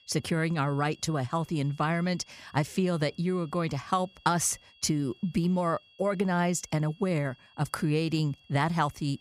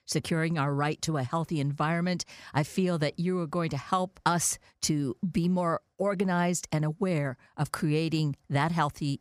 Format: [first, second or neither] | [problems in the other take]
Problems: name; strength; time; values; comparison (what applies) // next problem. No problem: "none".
second | high-pitched whine; faint; throughout; 3.5 kHz, 30 dB below the speech